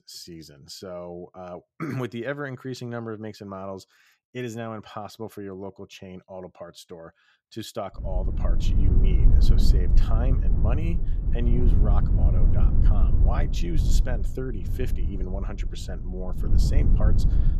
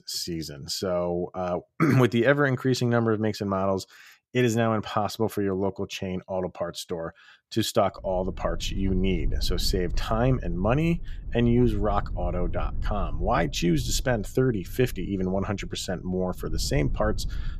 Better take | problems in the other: second | low rumble; loud; from 8 s on; 3 dB below the speech; faint in the second

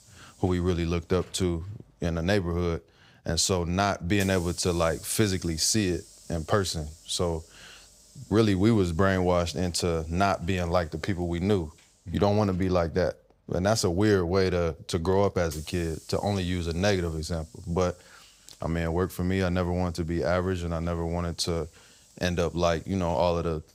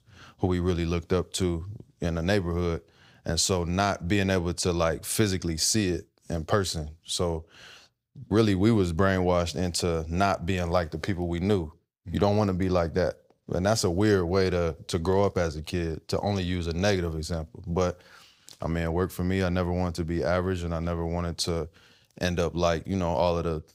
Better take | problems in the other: second | hiss; faint; throughout; 25 dB below the speech

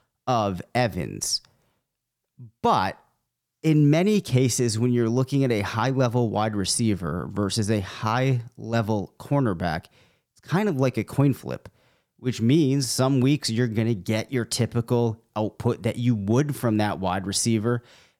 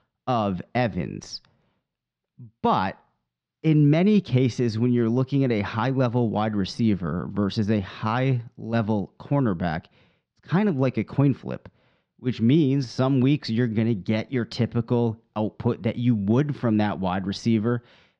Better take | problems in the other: first | muffled; slightly; fading above 4 kHz

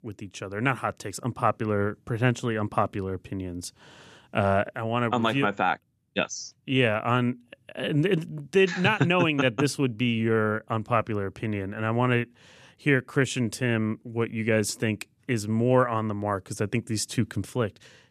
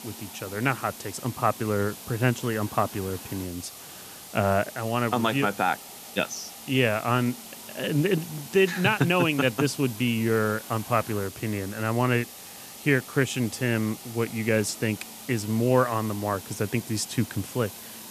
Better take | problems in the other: first | hiss; noticeable; throughout; 15 dB below the speech

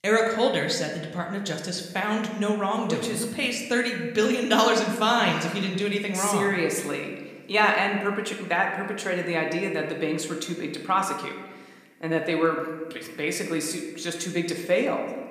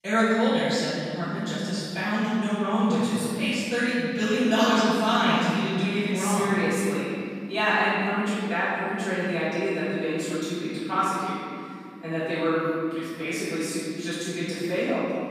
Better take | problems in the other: first | room echo; strong; dies away in 2.7 s; slight in the first // off-mic speech; far

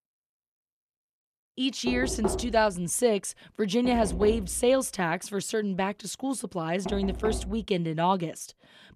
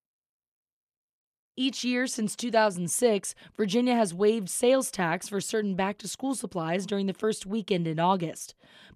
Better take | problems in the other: second | door banging; noticeable; from 2 to 7.5 s; peak 3 dB below the speech

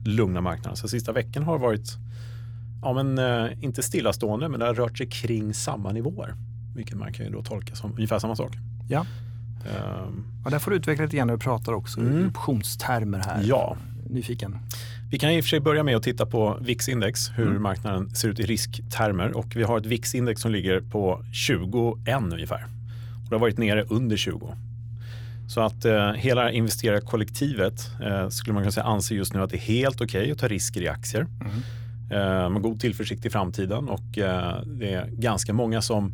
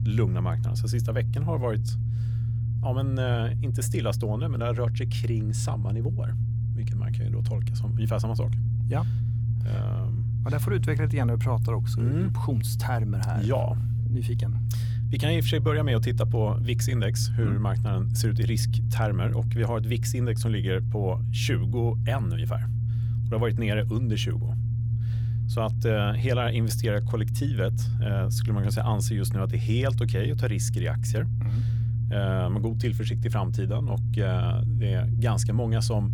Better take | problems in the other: first | low rumble; loud; throughout; 6 dB below the speech; faint in the first

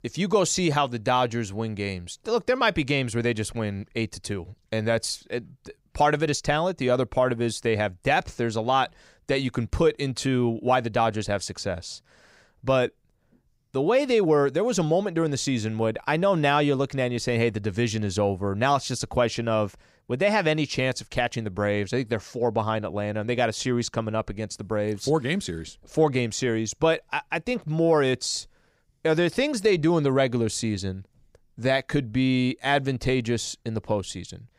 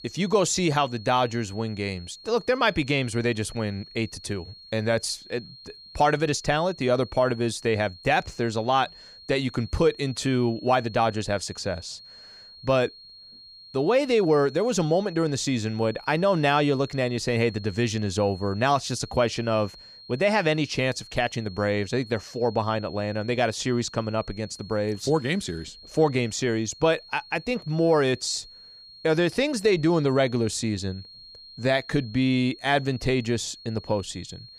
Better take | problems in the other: first | high-pitched whine; noticeable; throughout; 4.5 kHz, 20 dB below the speech

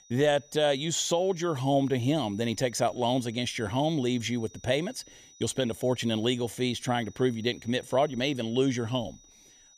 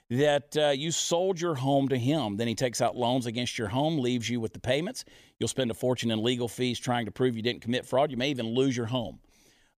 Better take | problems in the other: second | high-pitched whine; faint; throughout; 6 kHz, 25 dB below the speech

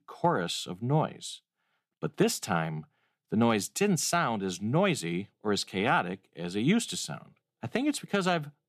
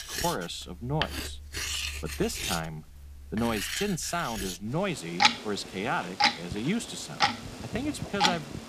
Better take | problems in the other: first | household noises; very loud; throughout; 3 dB above the speech

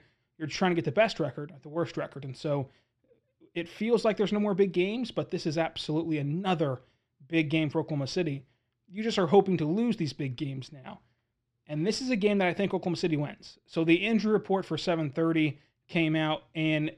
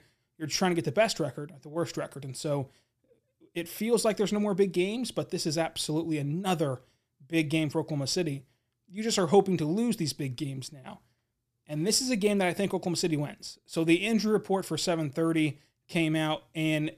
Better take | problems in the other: second | muffled; slightly; fading above 3 kHz

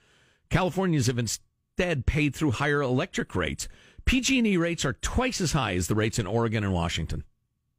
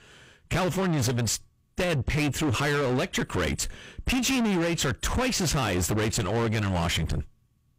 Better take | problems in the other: first | distortion; heavy; 6 dB below the speech

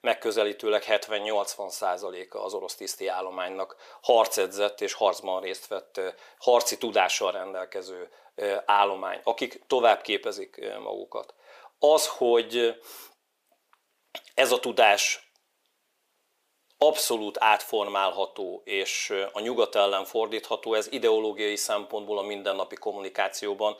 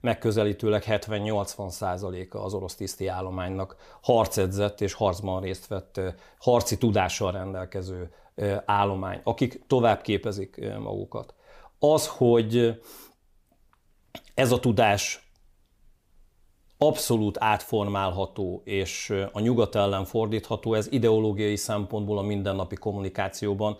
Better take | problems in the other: second | thin; very; fading below 450 Hz

